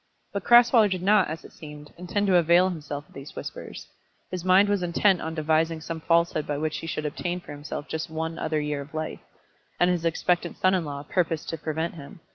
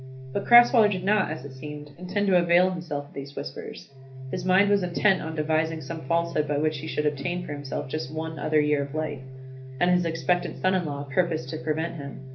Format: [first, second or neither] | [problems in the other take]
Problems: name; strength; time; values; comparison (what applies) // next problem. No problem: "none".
first | background sound (Organ); 13 dB below the speech // room echo; dies away in 0.3 s